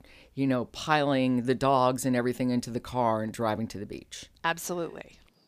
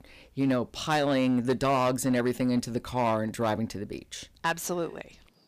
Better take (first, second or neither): first